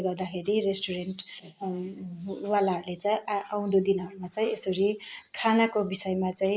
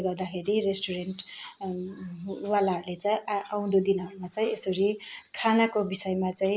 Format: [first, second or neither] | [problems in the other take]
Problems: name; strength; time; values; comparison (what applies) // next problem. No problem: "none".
second | noise reduction (neural mask model Resemble Enhance denoiser)